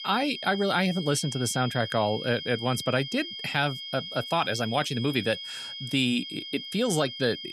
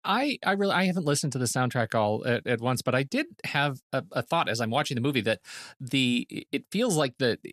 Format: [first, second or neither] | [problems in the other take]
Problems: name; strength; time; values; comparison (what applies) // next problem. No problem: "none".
second | high-pitched whine; loud; throughout; 3 kHz, 8 dB below the speech